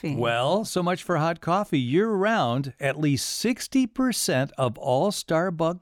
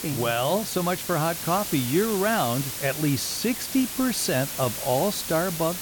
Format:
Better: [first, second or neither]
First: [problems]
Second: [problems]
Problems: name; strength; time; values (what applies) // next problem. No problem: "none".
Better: first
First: none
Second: hiss; loud; throughout; 5 dB below the speech